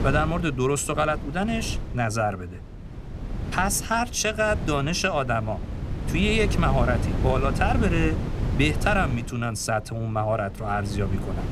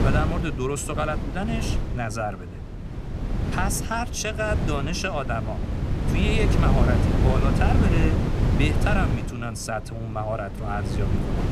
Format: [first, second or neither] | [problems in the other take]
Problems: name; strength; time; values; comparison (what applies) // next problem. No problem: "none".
first | wind noise on the microphone; heavy; 4 dB below the speech; occasional gusts in the first